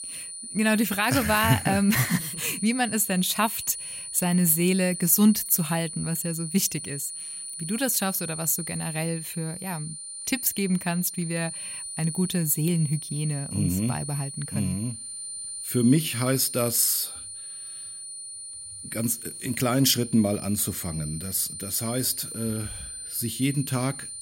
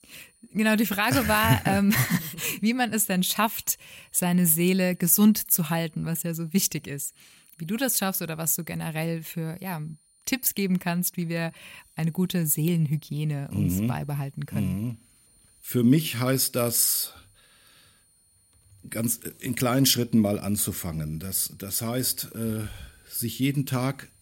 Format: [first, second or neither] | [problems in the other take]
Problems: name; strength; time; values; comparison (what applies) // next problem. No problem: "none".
second | high-pitched whine; loud; throughout; 9.5 kHz, 9 dB below the speech; faint in the second